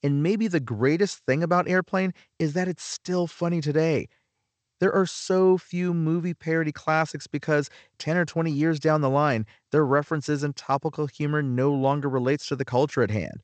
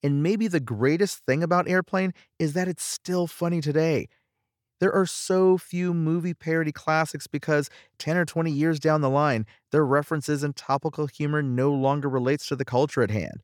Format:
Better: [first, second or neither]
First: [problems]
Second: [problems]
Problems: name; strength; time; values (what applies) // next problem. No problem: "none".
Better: second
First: garbled, watery; slightly; nothing above 8 kHz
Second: none